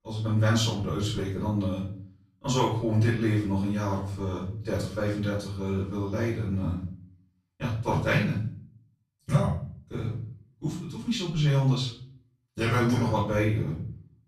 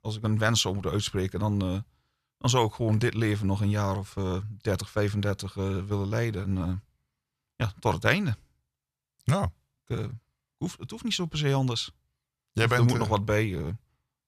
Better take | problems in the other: second | off-mic speech; far // room echo; noticeable; dies away in 0.5 s

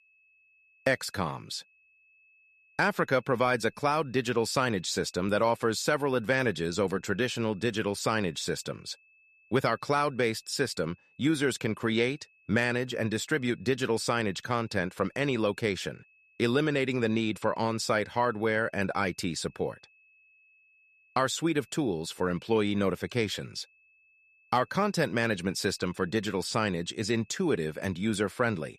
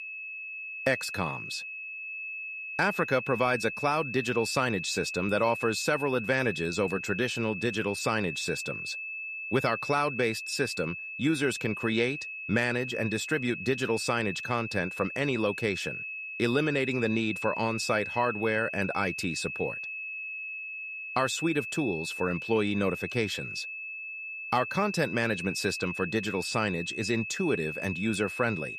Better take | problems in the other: first | high-pitched whine; loud; throughout; 2.5 kHz, 6 dB below the speech; faint in the first

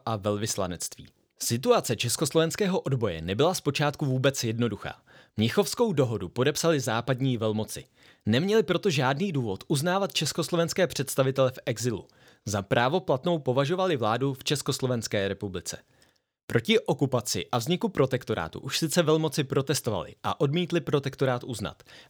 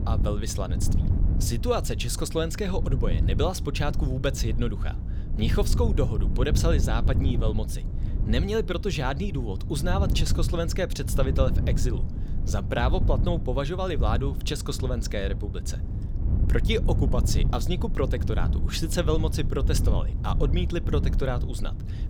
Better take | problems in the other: first | wind noise on the microphone; occasional gusts; 10 dB below the speech

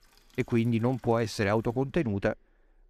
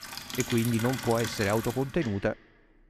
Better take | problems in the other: first | household noises; loud; until 1.5 s; 7 dB below the speech; faint in the first

